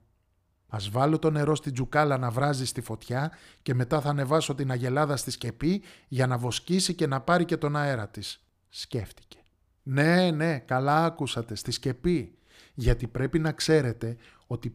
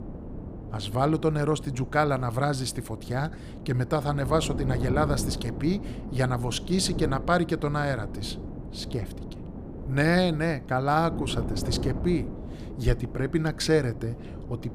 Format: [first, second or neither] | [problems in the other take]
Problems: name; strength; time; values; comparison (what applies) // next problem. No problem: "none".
first | wind noise on the microphone; occasional gusts; 15 dB below the speech